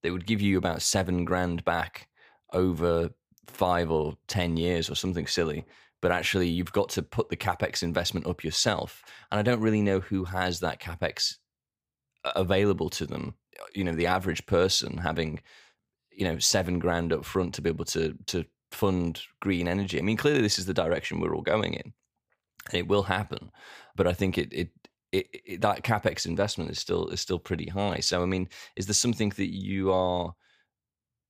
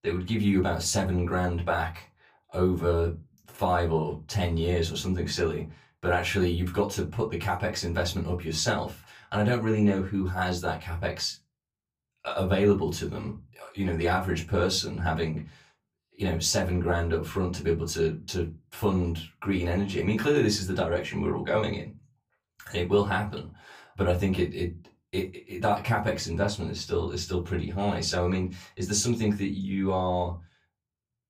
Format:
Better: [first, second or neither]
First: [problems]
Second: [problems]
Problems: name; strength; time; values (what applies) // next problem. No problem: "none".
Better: first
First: none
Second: off-mic speech; far // room echo; very slight; dies away in 0.2 s